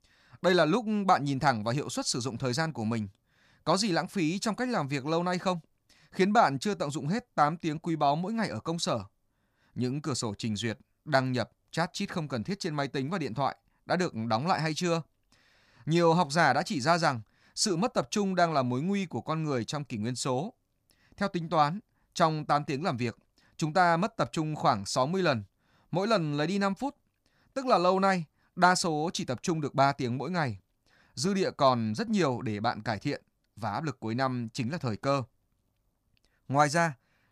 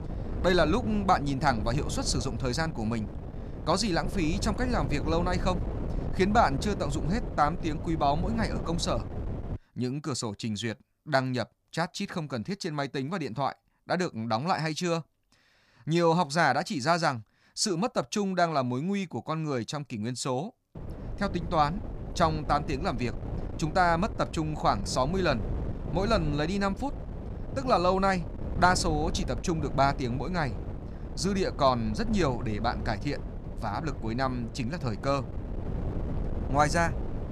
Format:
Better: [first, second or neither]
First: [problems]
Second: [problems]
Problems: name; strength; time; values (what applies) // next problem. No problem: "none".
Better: first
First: none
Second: wind noise on the microphone; occasional gusts; until 9.5 s and from 21 s on; 15 dB below the speech